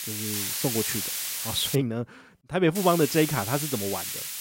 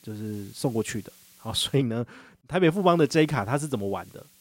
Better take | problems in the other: second | hiss; loud; until 2 s and from 3 s on; 3 dB below the speech; faint in the second

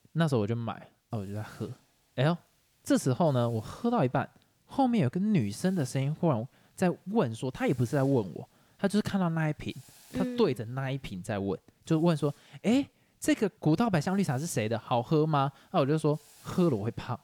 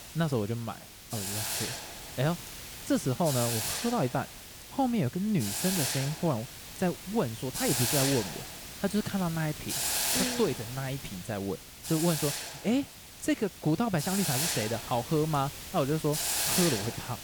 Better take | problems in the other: first | hiss; loud; throughout; 1 dB below the speech; faint in the first

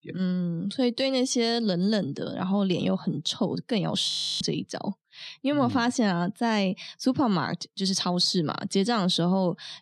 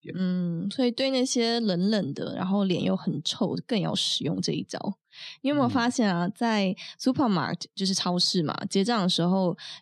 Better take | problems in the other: second | audio freezing; at 4 s

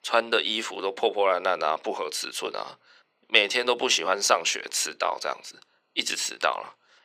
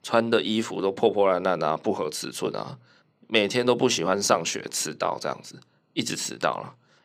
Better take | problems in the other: second | thin; somewhat; fading below 500 Hz

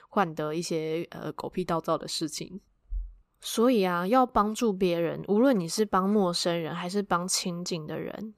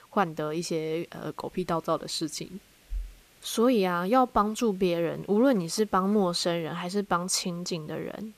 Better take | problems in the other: first | hiss; faint; throughout; 30 dB below the speech

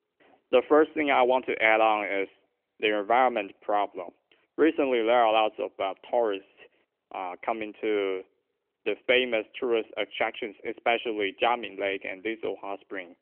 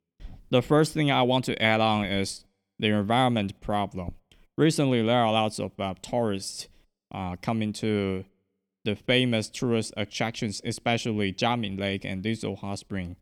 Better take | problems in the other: second | phone-call audio; nothing above 3 kHz

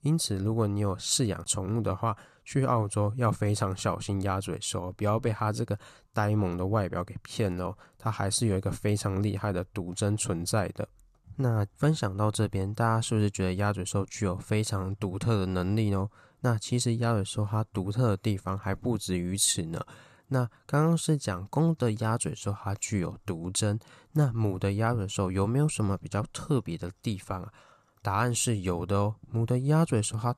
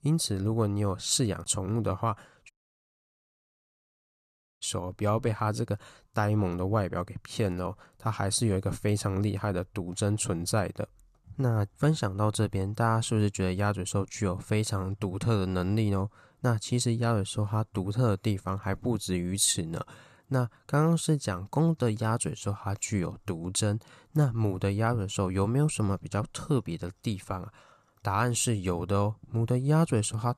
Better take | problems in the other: first | audio cutting out; at 2.5 s for 2 s

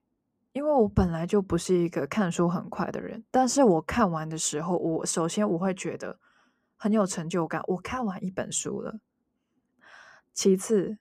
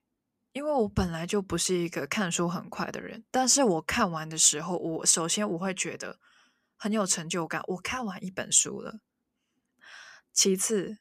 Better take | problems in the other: second | muffled; slightly; fading above 1.5 kHz

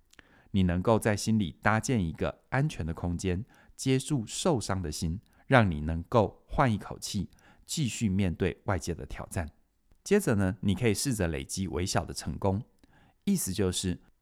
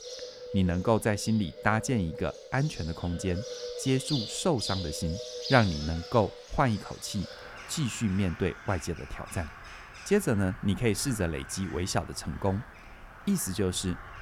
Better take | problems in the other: first | animal sounds; noticeable; throughout; 10 dB below the speech

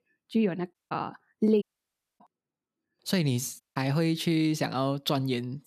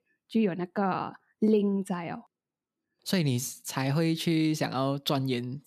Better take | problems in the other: second | audio cutting out; at 0.5 s, at 1.5 s for 0.5 s and at 3.5 s

